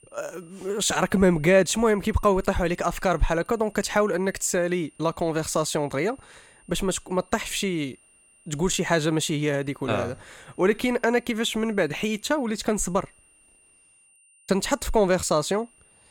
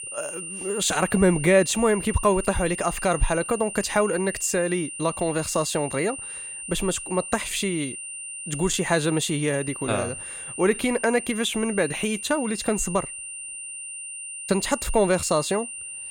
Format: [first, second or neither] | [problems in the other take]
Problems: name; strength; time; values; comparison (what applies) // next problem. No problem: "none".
first | high-pitched whine; loud; throughout; 9 kHz, 9 dB below the speech; faint in the first